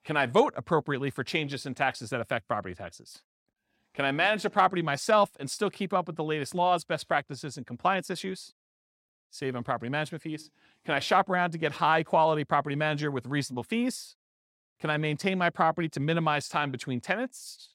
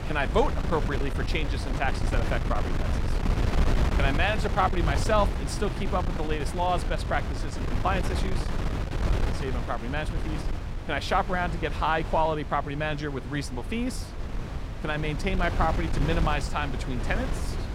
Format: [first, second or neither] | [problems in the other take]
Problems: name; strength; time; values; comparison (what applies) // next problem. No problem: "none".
first | wind noise on the microphone; heavy; 8 dB below the speech